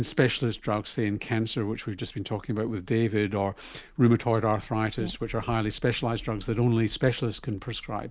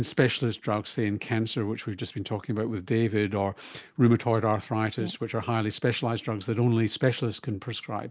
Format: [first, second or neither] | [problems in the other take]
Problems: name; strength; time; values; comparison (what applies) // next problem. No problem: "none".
second | background sound (Bird); 20 dB below the speech